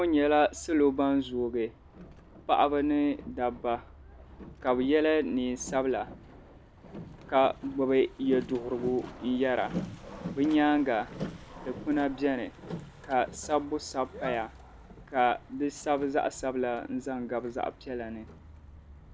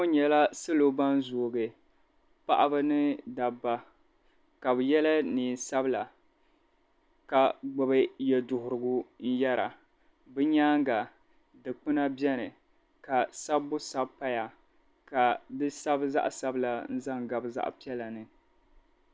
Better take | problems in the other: second | background sound (Boat, Water vehicle); 15 dB below the speech

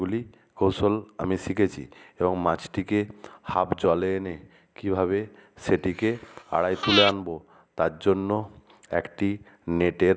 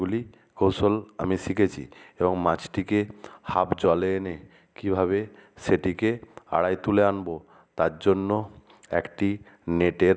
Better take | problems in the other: second | background sound (Breathing); 3 dB below the speech

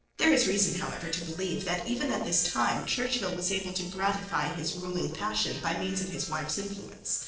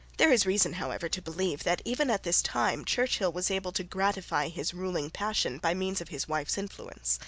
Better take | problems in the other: second | noise reduction (neural separator model SepFormer DNS4)

